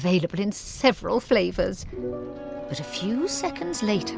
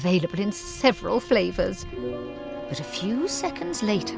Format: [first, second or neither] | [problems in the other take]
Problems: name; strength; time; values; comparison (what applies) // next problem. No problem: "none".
first | background sound (Bowed string instrument); 19 dB below the speech